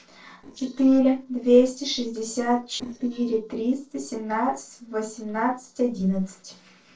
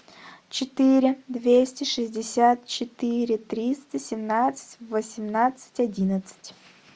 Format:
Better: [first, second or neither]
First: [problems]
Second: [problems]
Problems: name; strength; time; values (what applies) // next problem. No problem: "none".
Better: second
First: noise reduction (neural separator model SepFormer DNS4)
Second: none